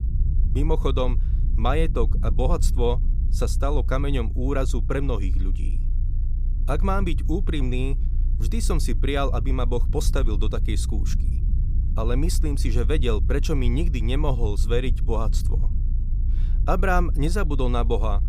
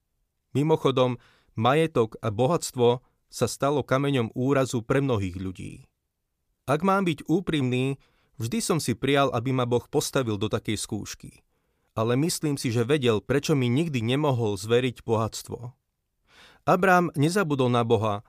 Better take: second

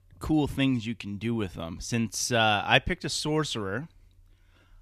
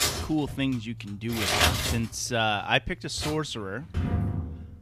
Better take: first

